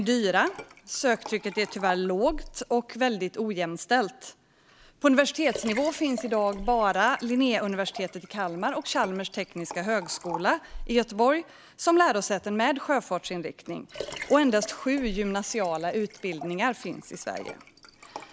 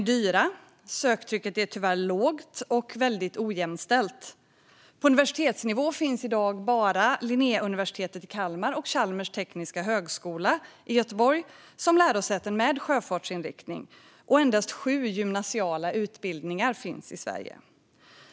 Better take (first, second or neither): second